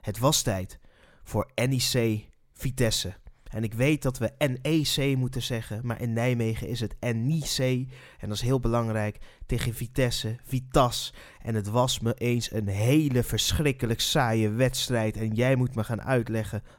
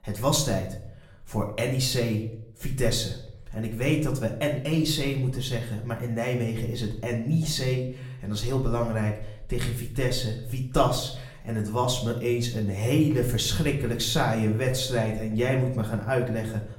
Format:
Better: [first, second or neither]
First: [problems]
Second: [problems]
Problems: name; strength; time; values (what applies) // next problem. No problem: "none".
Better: first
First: none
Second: room echo; slight; dies away in 0.5 s // off-mic speech; somewhat distant